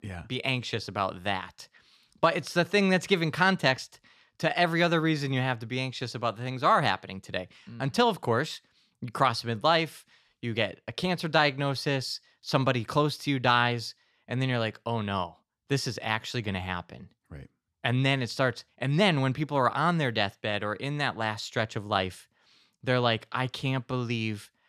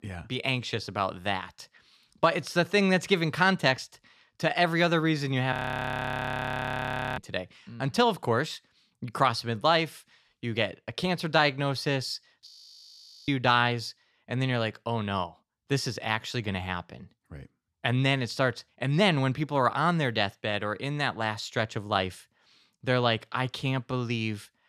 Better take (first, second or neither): first